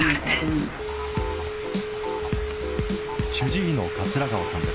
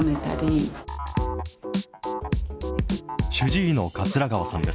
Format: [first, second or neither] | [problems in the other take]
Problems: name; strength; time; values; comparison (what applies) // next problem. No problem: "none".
second | background sound (Telephone); 2 dB below the speech